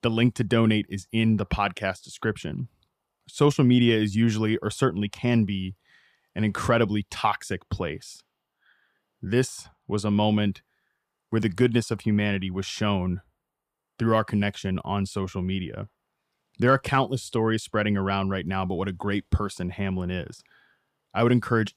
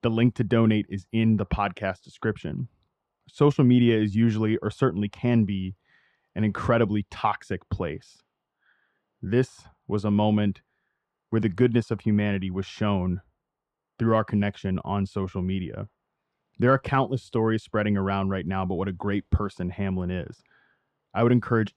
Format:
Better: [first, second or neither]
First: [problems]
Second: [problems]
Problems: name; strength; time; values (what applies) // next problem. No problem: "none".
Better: first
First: none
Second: muffled; slightly; fading above 1.5 kHz